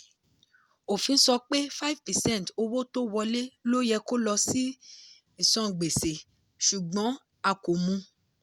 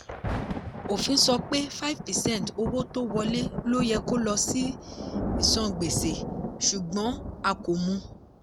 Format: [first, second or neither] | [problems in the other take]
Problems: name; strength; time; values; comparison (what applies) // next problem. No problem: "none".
first | background sound (Thunder); 5 dB below the speech